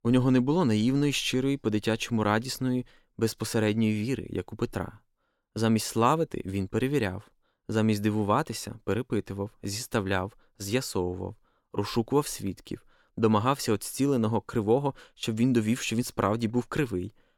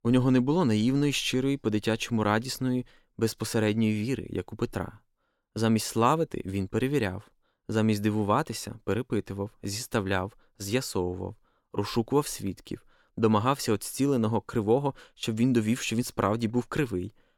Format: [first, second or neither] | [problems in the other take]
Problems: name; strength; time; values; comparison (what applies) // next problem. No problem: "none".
neither | none